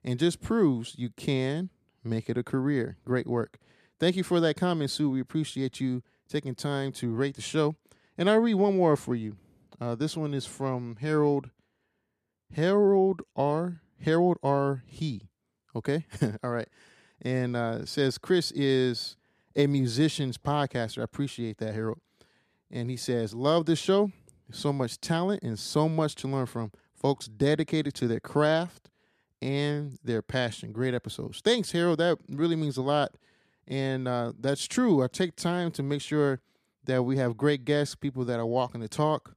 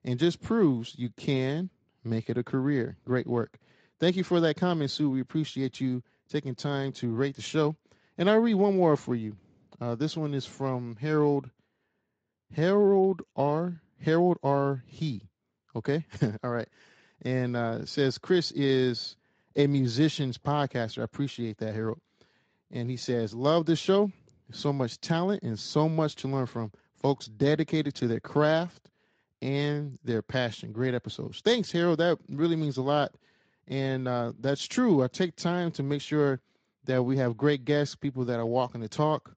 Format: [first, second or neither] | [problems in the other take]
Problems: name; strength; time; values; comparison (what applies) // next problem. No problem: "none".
first | garbled, watery; slightly; nothing above 7.5 kHz